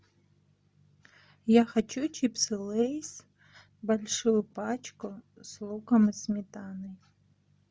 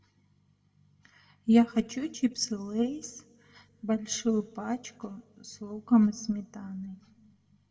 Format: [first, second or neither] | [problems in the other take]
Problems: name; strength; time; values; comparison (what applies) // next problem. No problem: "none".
first | room echo; dies away in 0.2 s